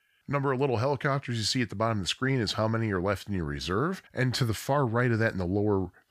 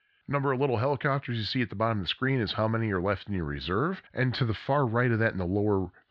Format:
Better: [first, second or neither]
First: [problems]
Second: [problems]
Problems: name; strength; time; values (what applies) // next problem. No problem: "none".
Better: first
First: none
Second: muffled; very slightly; fading above 4 kHz